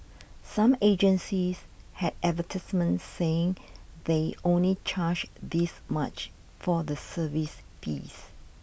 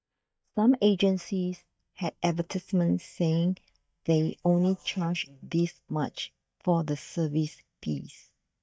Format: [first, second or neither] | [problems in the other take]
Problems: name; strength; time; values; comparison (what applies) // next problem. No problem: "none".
first | noise reduction (neural mask model DeepFilterNet 3)